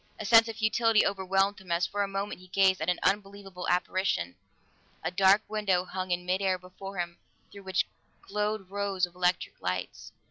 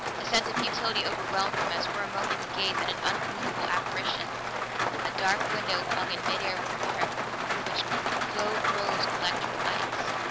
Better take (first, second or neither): first